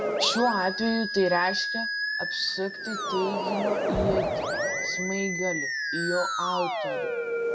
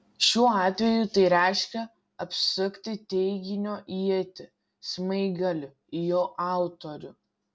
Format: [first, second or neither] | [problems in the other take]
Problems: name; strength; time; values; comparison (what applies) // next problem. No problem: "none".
second | background sound (Musical instrument + Wind); as loud as the speech